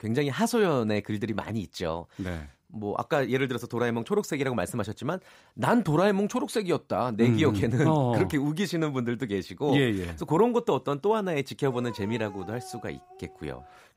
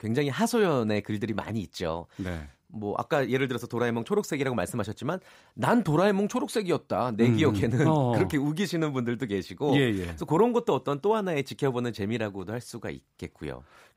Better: second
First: dog barking; faint; from 12 s on; peak 15 dB below the speech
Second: none

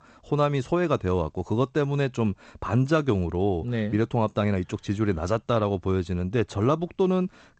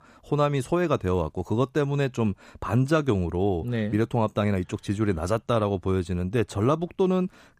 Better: second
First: garbled, watery; slightly; nothing above 8 kHz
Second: none

